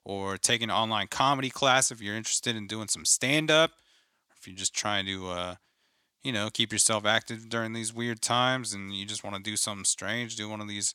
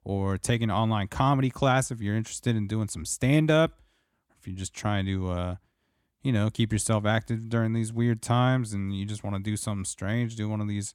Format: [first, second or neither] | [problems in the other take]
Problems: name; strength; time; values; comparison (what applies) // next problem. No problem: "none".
second | thin; somewhat; fading below 700 Hz